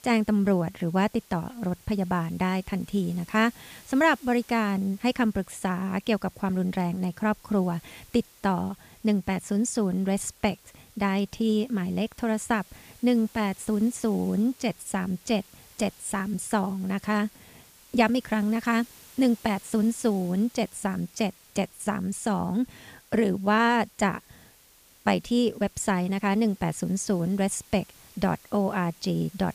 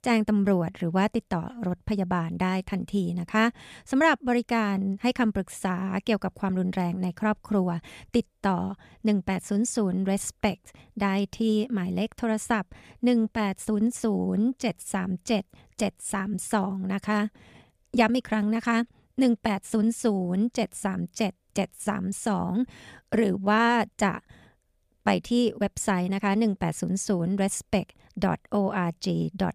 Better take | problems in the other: second | hiss; faint; throughout; 25 dB below the speech

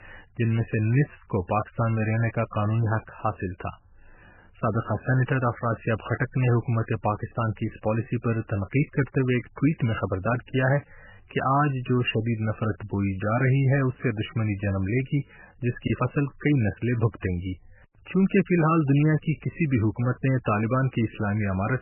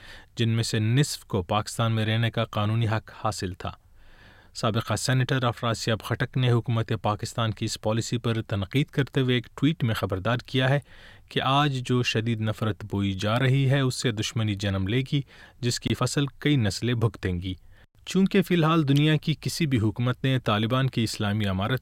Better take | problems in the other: second | garbled, watery; badly; nothing above 3 kHz

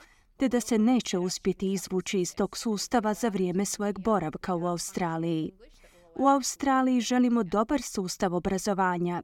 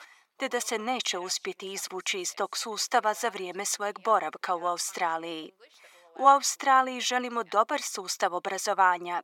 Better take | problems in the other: first | thin; very; fading below 700 Hz

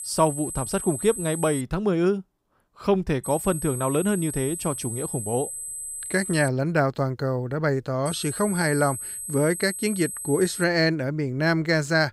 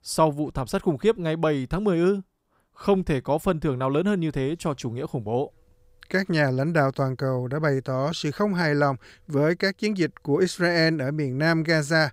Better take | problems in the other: second | high-pitched whine; loud; until 1.5 s, from 3 to 6.5 s and from 8 to 11 s; 8 kHz, 7 dB below the speech

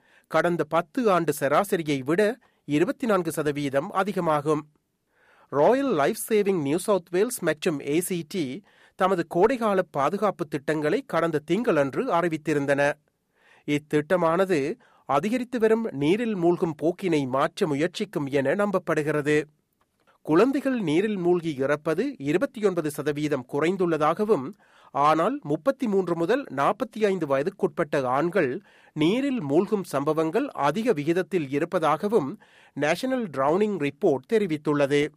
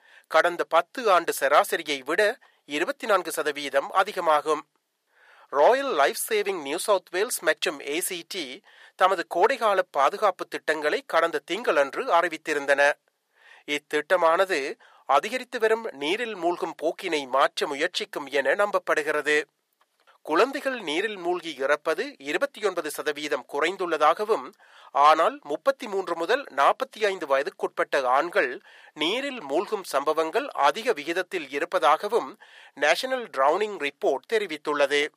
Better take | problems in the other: first | thin; very; fading below 650 Hz

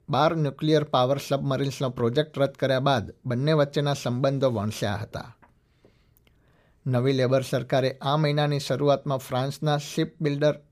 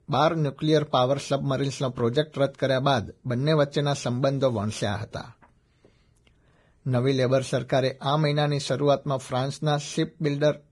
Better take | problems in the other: first | garbled, watery; badly; nothing above 10.5 kHz

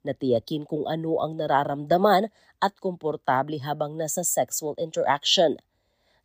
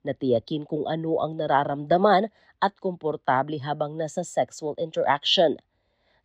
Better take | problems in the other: first | muffled; slightly; fading above 3 kHz

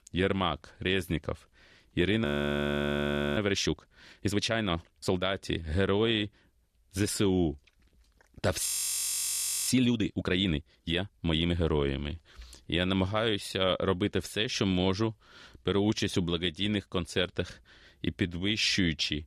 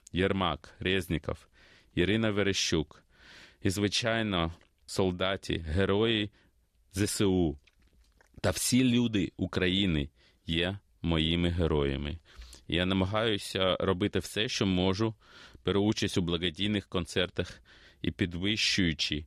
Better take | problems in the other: second | audio freezing; at 2.5 s for 1 s and at 8.5 s for 1 s

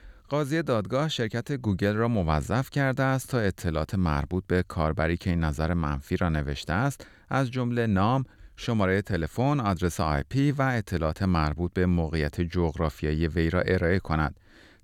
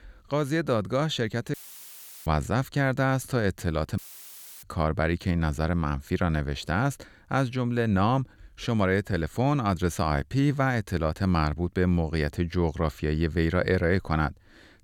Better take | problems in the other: first | audio cutting out; filled with static; at 1.5 s for 0.5 s and at 4 s for 0.5 s

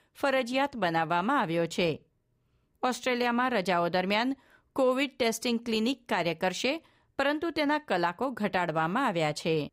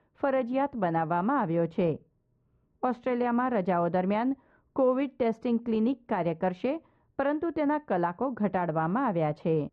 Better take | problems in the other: first | muffled; very; fading above 1 kHz

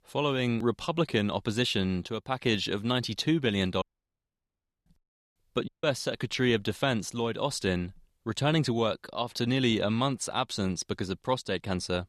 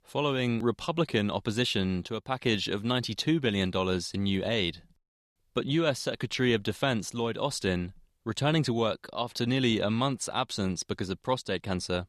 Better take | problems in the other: second | audio cutting out; at 4 s for 1 s and at 5.5 s

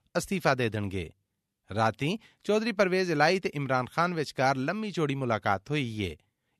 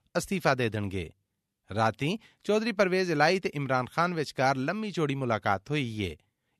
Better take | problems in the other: neither | none

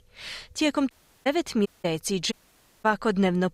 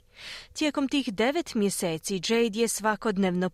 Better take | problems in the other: second | audio cutting out; at 1 s, at 1.5 s and at 2.5 s for 0.5 s

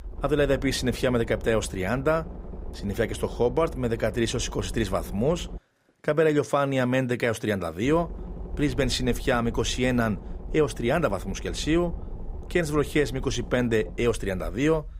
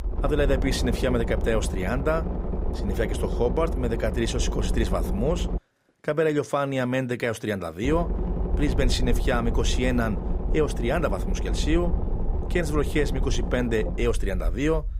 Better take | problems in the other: first | low rumble; loud; until 5.5 s and from 8 s on; 10 dB below the speech; faint in the first

